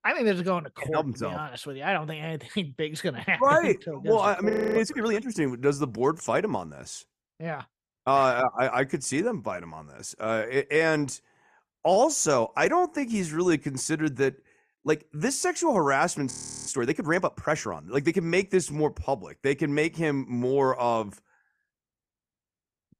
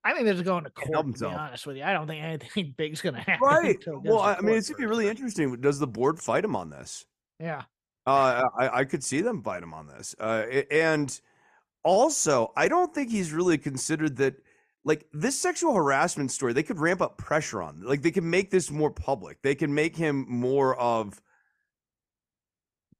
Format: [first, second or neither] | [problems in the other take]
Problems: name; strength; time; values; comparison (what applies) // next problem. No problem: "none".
second | audio freezing; at 4.5 s and at 16 s